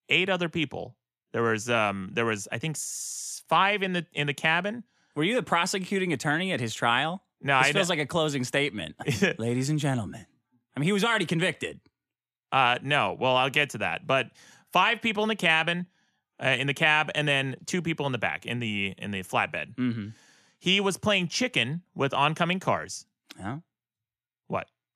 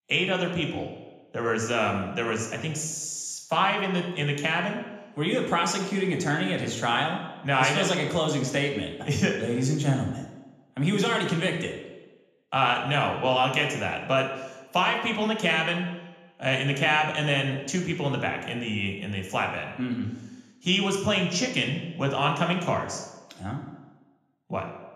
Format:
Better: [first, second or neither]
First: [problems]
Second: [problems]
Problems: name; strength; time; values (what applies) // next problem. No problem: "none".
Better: first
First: none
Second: room echo; noticeable; dies away in 0.9 s // off-mic speech; somewhat distant